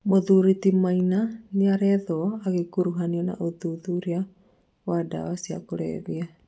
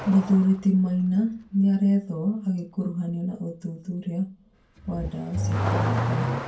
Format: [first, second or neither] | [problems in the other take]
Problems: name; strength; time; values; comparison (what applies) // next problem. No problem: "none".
first | background sound (Accelerating, revving, vroom / Car); 7 dB below the speech // room echo; dies away in 0.2 s